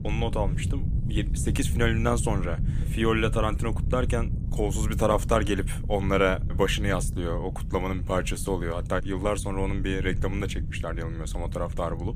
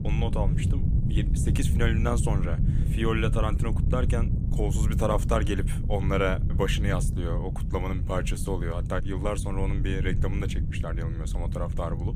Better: first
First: wind noise on the microphone; occasional gusts; 15 dB below the speech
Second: wind noise on the microphone; heavy; 9 dB below the speech

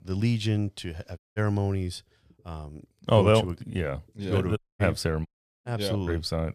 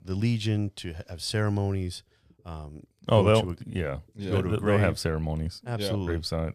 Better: second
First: audio cutting out; at 1 s, at 4.5 s and at 5.5 s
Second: none

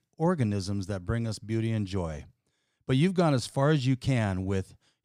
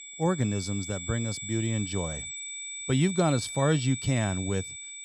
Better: first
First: none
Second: high-pitched whine; loud; throughout; 8 kHz, 7 dB below the speech

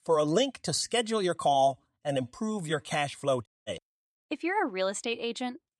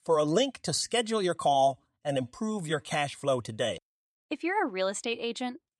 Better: second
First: audio cutting out; at 3.5 s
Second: none

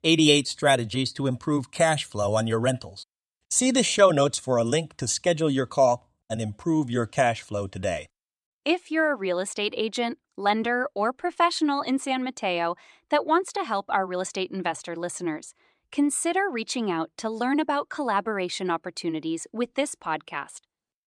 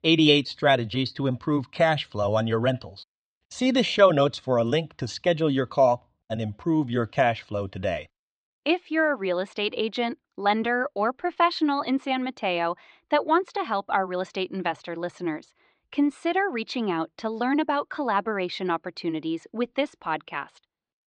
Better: first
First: none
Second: muffled; very slightly; fading above 4.5 kHz

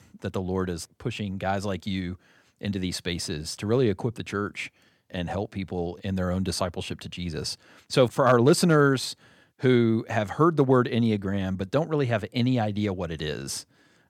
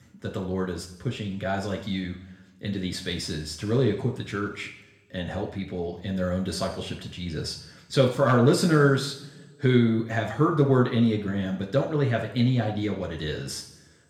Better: first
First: none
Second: room echo; slight; dies away in 0.8 s // off-mic speech; somewhat distant

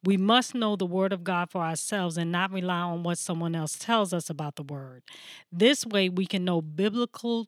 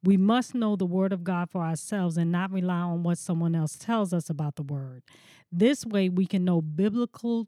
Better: second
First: thin; very slightly; fading below 1 kHz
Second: none

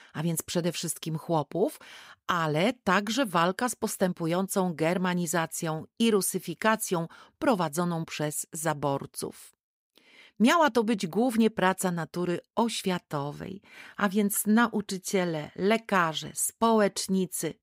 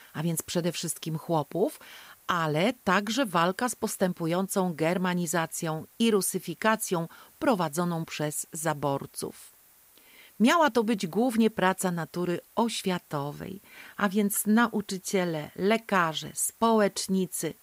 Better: first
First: none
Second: hiss; faint; throughout; 30 dB below the speech

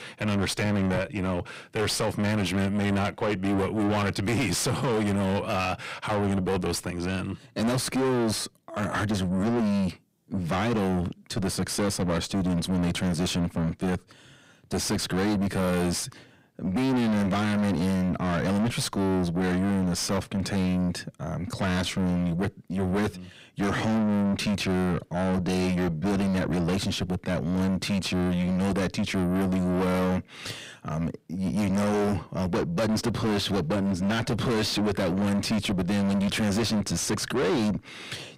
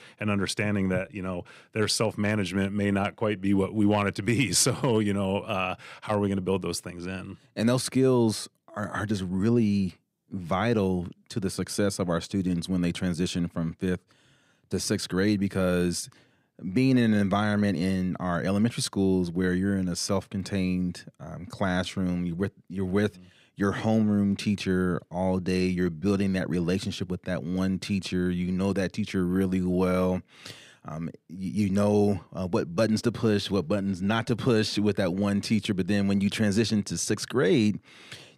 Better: second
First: distortion; heavy; 5 dB below the speech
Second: none

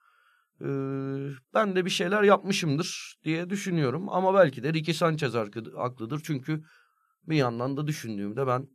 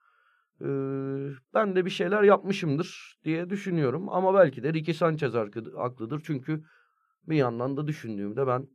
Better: first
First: none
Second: muffled; slightly; fading above 3.5 kHz

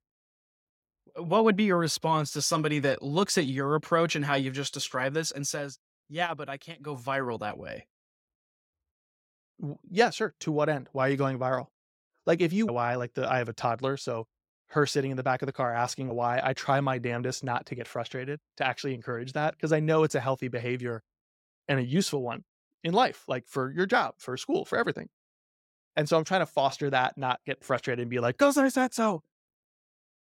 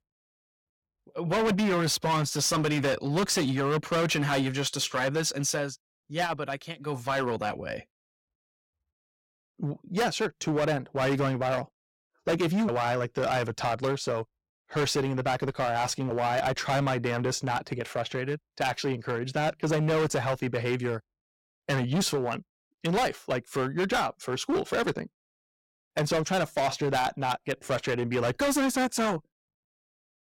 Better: first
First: none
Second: distortion; heavy; 13% of the sound clipped

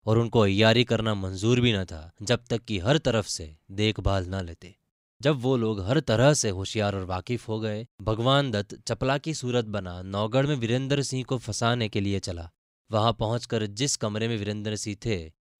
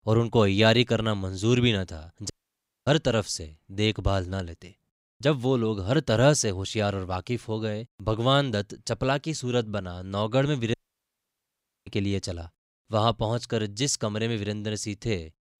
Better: first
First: none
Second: audio cutting out; at 2.5 s for 0.5 s and at 11 s for 1 s

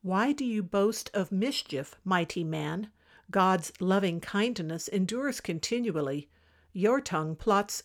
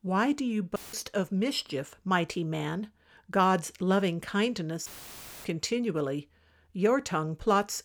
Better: first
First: none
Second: audio cutting out; filled with static; at 1 s and at 5 s for 0.5 s

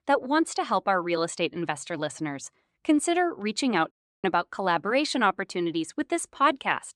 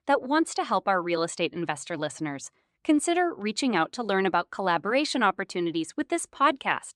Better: second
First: audio cutting out; at 4 s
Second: none

